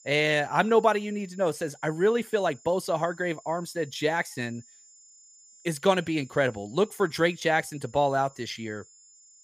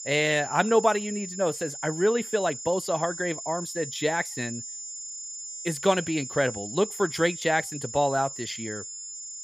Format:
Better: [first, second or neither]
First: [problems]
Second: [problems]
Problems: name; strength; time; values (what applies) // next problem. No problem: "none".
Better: first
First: high-pitched whine; faint; throughout; 7 kHz, 25 dB below the speech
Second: high-pitched whine; loud; throughout; 7 kHz, 9 dB below the speech